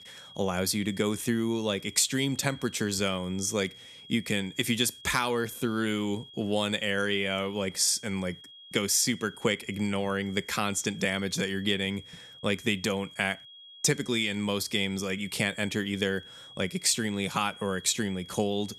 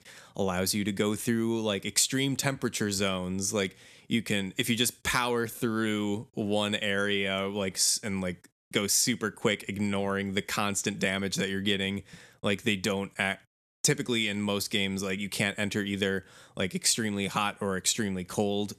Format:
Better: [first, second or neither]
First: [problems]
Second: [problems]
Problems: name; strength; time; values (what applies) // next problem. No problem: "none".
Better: second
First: high-pitched whine; noticeable; throughout; 3.5 kHz, 20 dB below the speech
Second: none